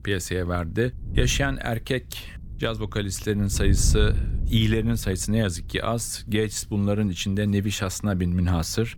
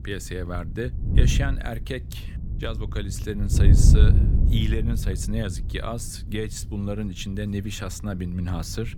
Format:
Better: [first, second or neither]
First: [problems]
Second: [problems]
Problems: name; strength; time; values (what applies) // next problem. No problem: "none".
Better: first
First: wind noise on the microphone; occasional gusts; 15 dB below the speech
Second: wind noise on the microphone; heavy; 4 dB below the speech